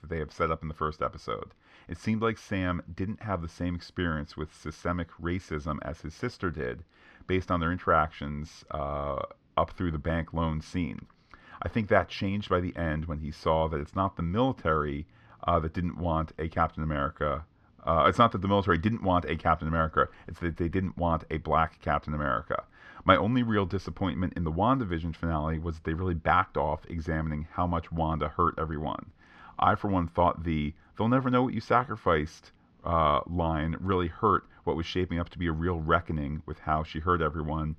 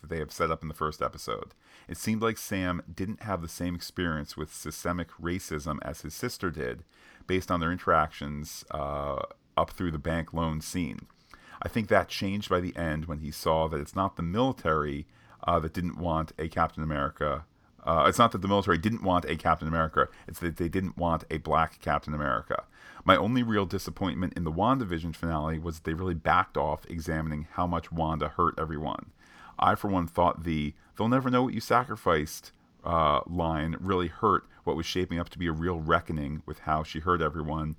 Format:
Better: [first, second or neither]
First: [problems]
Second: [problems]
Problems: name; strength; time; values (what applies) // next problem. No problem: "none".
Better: second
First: muffled; slightly; fading above 3.5 kHz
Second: none